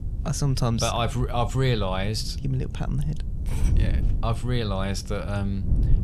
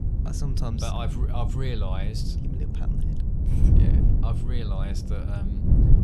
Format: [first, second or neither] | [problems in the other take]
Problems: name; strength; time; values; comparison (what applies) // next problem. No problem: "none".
first | wind noise on the microphone; heavy; 1 dB below the speech; occasional gusts in the first